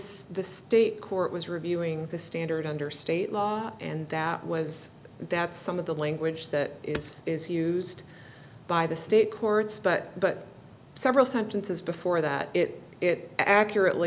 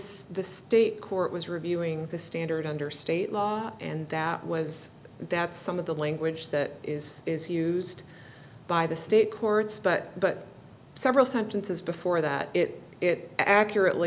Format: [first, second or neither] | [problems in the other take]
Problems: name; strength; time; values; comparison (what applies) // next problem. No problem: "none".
second | background sound (Hammer); 19 dB below the speech